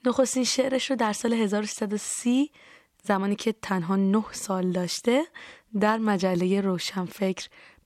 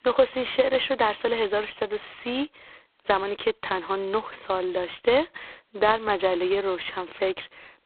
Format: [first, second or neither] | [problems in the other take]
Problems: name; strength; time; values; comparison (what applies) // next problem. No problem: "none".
first | phone-call audio; poor line; nothing above 4 kHz